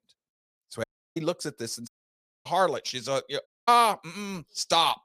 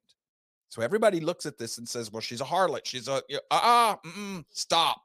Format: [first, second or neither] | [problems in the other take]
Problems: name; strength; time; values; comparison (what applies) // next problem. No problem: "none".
second | audio cutting out; at 1 s, at 2 s for 0.5 s and at 3.5 s